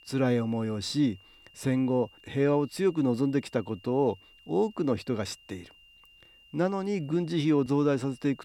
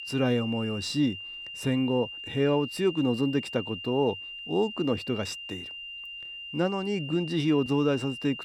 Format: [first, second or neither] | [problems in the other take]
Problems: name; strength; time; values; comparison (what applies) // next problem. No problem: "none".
first | high-pitched whine; loud; throughout; 3 kHz, 9 dB below the speech; faint in the first